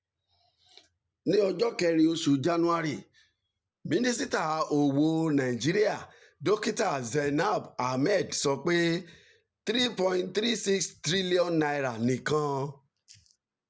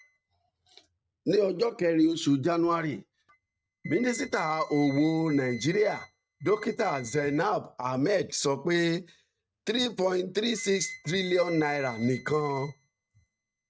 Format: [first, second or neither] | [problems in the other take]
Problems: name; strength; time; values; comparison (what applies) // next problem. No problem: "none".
first | noise reduction (neural mask model RNNoise)